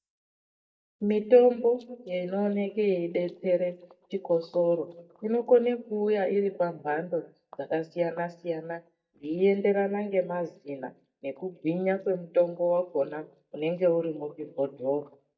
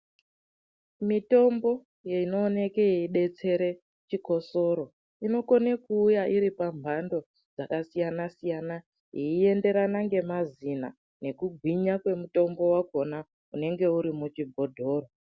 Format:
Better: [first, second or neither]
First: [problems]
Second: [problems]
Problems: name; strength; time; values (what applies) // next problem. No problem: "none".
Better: second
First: noise reduction (neural mask model DeepFilterNet 3)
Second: none